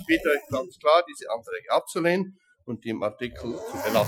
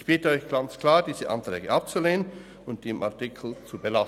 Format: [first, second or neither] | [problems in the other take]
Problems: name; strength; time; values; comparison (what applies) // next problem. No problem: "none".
second | noise reduction (classical method Wiener filter)